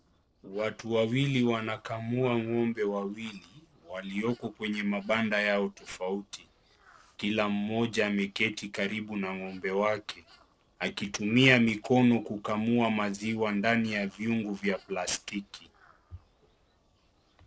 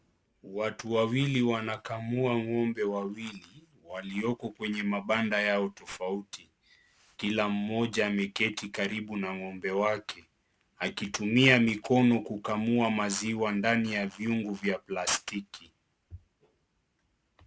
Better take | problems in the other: second | noise reduction (neural separator model SepFormer DNS4)

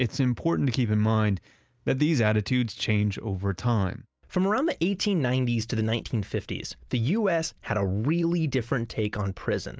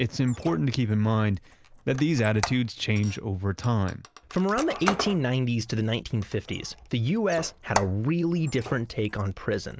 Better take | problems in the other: first | background sound (Squeak); 12 dB below the speech

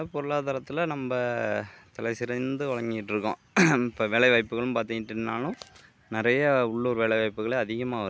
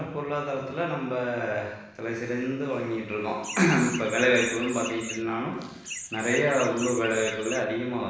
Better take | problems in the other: first | background sound (Chirp, tweet); 10 dB below the speech // room echo; dies away in 0.9 s

